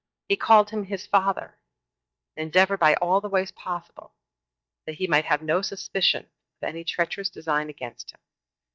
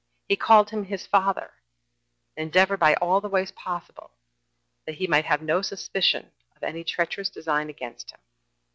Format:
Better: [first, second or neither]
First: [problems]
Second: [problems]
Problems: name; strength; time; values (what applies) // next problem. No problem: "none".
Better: second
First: noise reduction (neural mask model DeepFilterNet 3)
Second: none